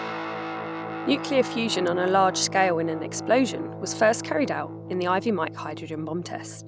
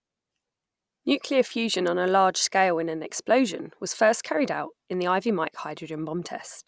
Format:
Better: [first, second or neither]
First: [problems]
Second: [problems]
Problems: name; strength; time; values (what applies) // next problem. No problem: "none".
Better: second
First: background sound (Guitar); 9 dB below the speech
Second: none